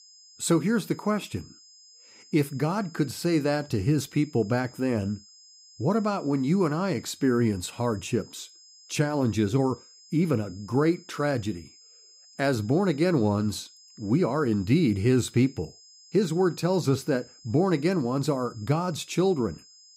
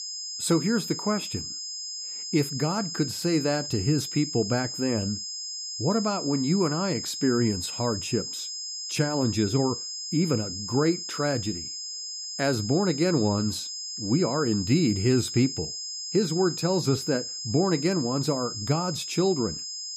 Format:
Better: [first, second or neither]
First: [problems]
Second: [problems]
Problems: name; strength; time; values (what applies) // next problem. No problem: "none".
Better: first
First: high-pitched whine; faint; throughout; 5 kHz, 25 dB below the speech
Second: high-pitched whine; loud; throughout; 5 kHz, 6 dB below the speech